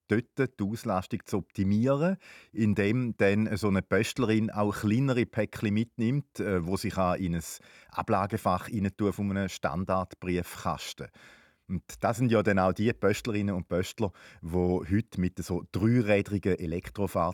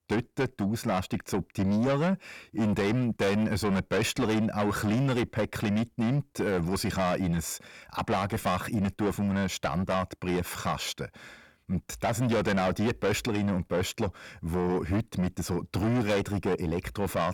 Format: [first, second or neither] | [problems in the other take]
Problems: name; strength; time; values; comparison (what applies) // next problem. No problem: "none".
first | distortion; heavy; 6 dB below the speech